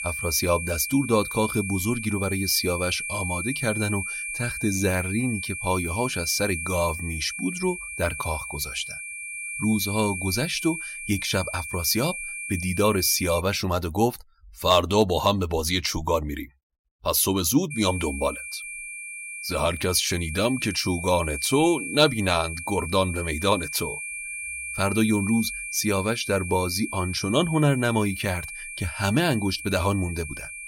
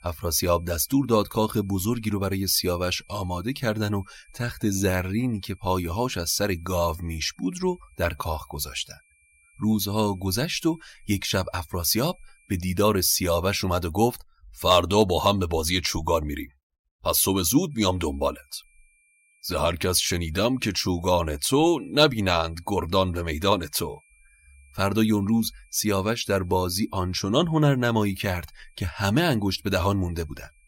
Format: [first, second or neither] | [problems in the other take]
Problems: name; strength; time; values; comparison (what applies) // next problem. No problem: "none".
second | high-pitched whine; loud; until 13 s and from 18 s on; 2.5 kHz, 7 dB below the speech; faint in the second